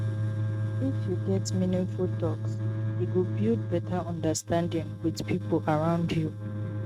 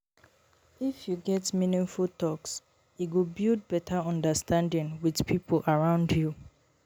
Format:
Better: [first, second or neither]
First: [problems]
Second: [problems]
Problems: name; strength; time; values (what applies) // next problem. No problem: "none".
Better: second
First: noise reduction (neural mask model RNNoise)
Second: none